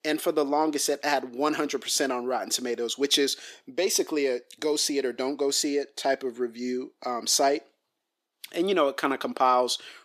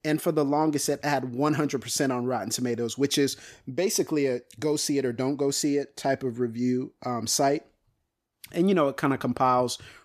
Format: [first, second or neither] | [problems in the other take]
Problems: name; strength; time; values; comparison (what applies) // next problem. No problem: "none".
second | thin; very slightly; fading below 300 Hz